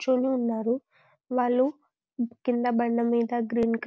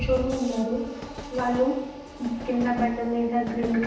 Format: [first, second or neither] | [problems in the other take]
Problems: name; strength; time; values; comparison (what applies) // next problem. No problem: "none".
first | background sound (Train); 10 dB below the speech // room echo; dies away in 0.9 s